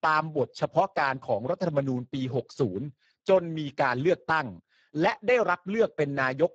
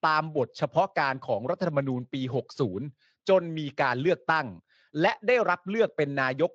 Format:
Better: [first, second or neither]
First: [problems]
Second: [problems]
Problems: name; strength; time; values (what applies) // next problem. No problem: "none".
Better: second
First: garbled, watery; badly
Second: garbled, watery; slightly